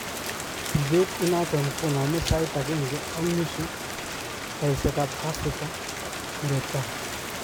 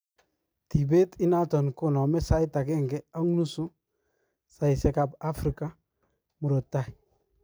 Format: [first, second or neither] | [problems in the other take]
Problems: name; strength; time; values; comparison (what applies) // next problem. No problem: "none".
second | background sound (Rain); 5 dB below the speech